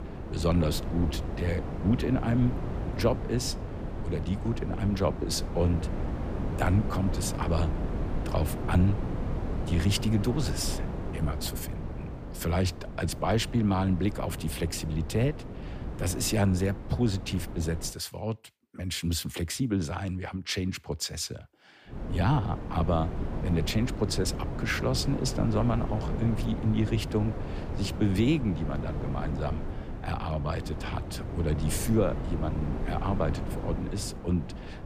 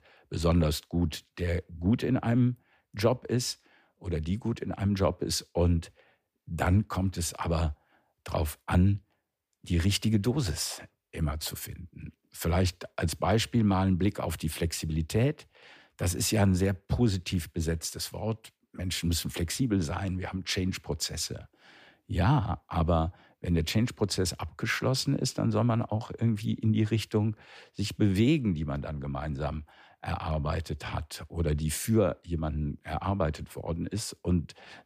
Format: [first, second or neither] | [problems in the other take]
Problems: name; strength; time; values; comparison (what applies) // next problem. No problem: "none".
second | wind noise on the microphone; heavy; until 18 s and from 22 s on; 8 dB below the speech